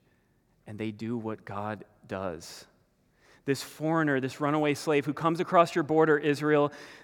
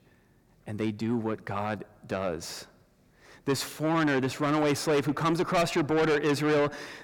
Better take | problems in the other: first | distortion; heavy; 5 dB below the speech

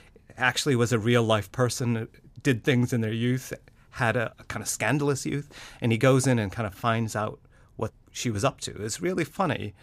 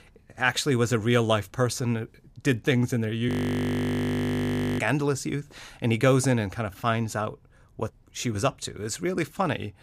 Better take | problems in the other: first | audio freezing; at 3.5 s for 1.5 s

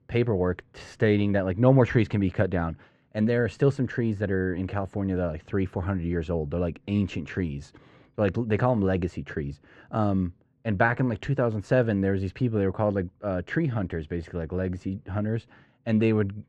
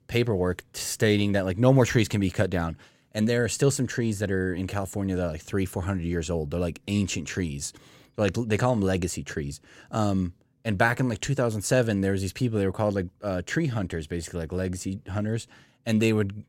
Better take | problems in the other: second | muffled; very; fading above 2 kHz

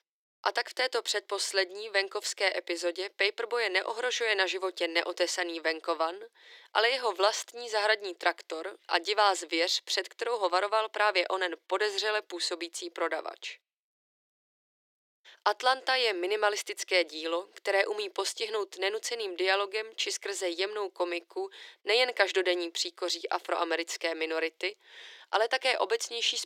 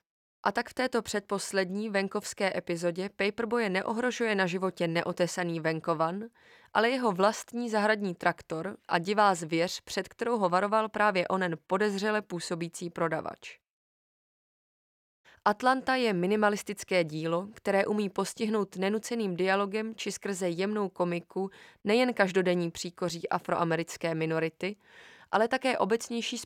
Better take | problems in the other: second | thin; very; fading below 350 Hz

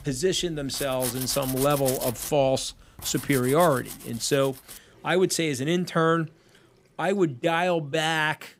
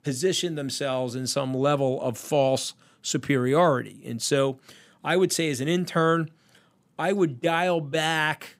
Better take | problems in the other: second | household noises; loud; throughout; 9 dB below the speech

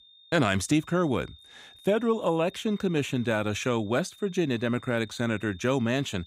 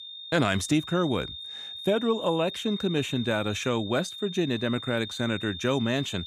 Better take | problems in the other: first | high-pitched whine; loud; throughout; 3.5 kHz, 9 dB below the speech; faint in the first

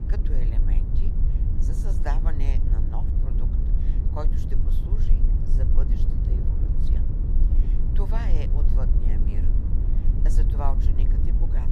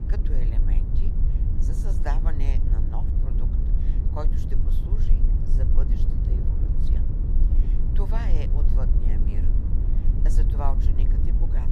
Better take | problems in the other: neither | low rumble; loud; throughout; 1 dB below the speech; the same in both

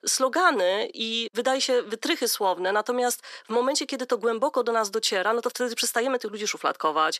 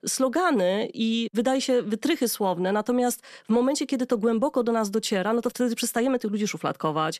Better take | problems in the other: second | thin; somewhat; fading below 350 Hz

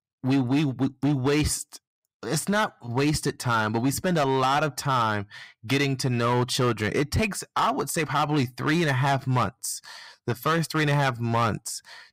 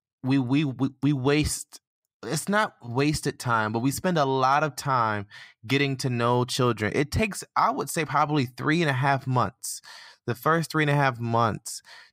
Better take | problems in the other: second | distortion; slight; 8% of the sound clipped

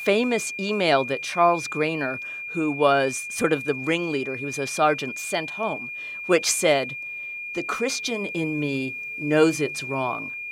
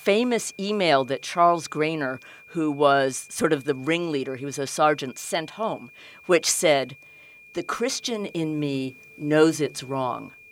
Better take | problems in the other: second | high-pitched whine; loud; throughout; 2.5 kHz, 7 dB below the speech; faint in the second

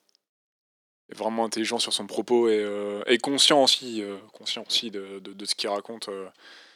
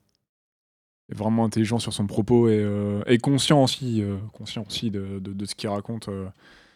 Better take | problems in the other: second | thin; somewhat; fading below 350 Hz

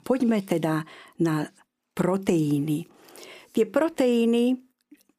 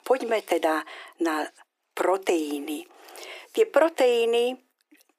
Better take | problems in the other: first | thin; very; fading below 350 Hz

